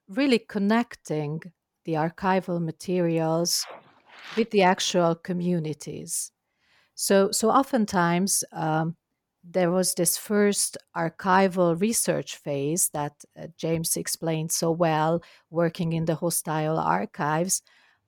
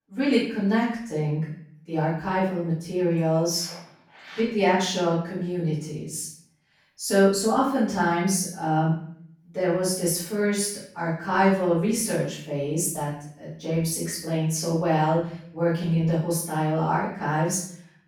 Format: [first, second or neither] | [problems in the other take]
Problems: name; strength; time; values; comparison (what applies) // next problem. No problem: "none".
first | off-mic speech; far // room echo; noticeable; dies away in 0.6 s